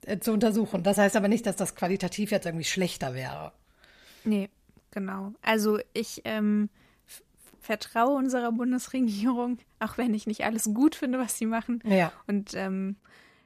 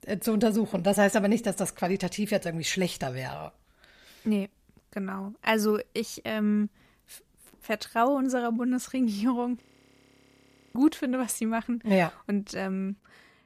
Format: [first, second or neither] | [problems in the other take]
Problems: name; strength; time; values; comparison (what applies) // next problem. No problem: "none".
first | audio freezing; at 9.5 s for 1 s